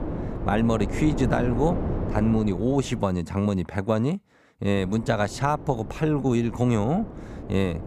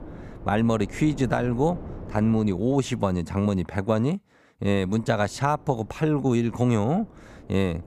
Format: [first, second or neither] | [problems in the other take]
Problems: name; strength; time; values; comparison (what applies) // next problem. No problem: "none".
second | wind noise on the microphone; heavy; until 3 s and from 4.5 s on; 10 dB below the speech; occasional gusts in the second